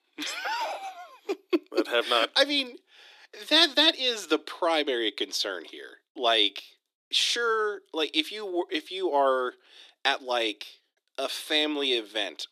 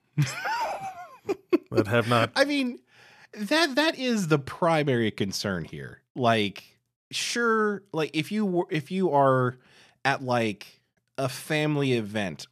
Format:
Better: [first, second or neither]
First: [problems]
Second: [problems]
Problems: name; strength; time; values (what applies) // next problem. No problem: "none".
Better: second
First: thin; somewhat; fading below 300 Hz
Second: none